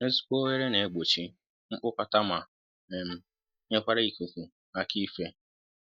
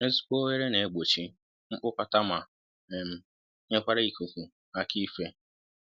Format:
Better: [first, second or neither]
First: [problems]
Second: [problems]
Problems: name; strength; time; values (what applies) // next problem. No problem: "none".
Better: second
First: noise reduction (neural mask model DeepFilterNet 3)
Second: none